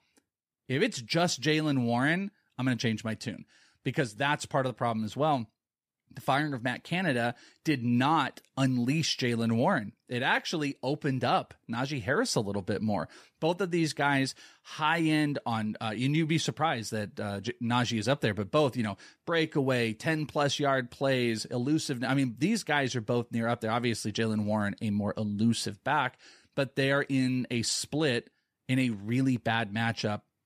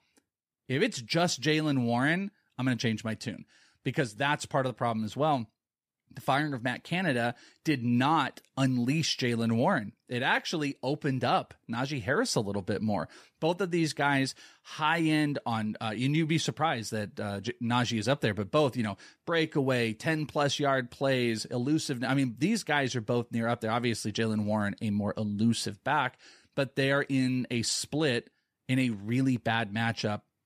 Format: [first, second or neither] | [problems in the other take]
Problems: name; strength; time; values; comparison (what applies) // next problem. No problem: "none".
neither | none